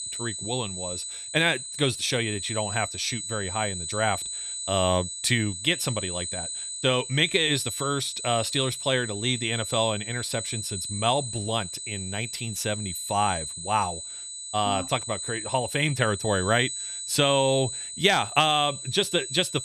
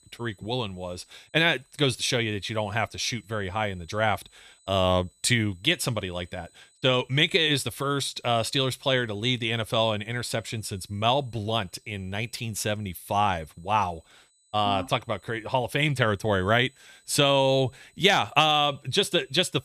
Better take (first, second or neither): second